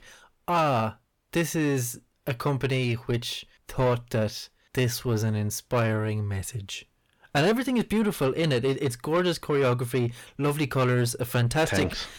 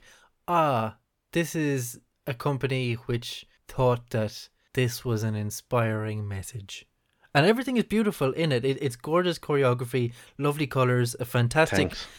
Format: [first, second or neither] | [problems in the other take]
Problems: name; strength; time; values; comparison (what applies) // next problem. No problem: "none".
second | distortion; slight; 10 dB below the speech